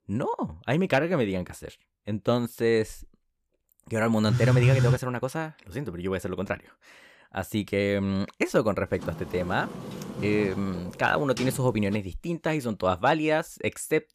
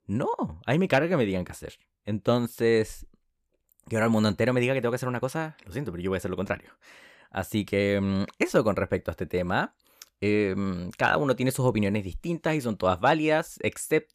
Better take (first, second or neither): second